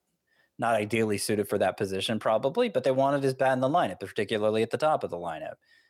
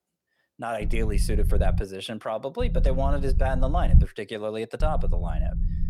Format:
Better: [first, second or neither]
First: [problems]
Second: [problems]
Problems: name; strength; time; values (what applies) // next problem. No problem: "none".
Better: first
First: none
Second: low rumble; noticeable; at 1 s, from 2.5 to 4 s and from 5 s on; 10 dB below the speech